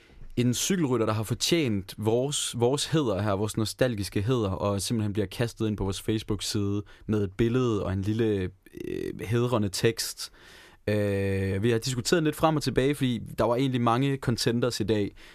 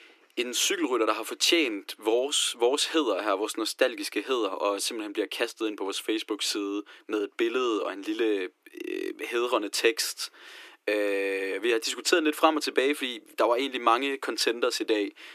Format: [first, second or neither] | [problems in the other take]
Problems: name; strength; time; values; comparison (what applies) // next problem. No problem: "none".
first | thin; very; fading below 300 Hz